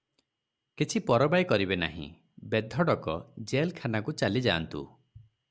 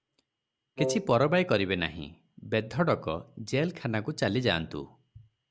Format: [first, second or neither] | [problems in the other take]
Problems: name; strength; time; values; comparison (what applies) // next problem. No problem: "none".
first | background sound (Wind instrument, woodwind instrument); 5 dB below the speech